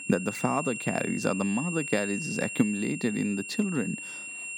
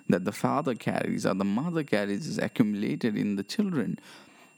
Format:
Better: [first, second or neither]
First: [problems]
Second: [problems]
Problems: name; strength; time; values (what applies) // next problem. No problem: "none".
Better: second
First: high-pitched whine; loud; throughout; 2.5 kHz, 6 dB below the speech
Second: high-pitched whine; faint; throughout; 2.5 kHz, 30 dB below the speech